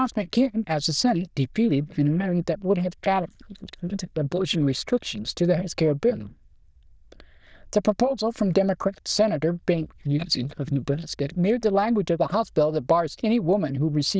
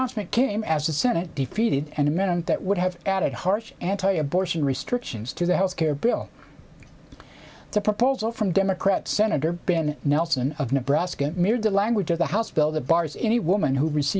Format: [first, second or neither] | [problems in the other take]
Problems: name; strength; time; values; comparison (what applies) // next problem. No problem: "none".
second | noise reduction (neural diffusion model UNIVERSE++)